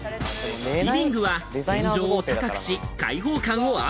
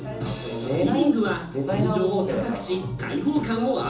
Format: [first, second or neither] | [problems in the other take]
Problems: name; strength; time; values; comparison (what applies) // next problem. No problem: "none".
first | room echo; dies away in 0.7 s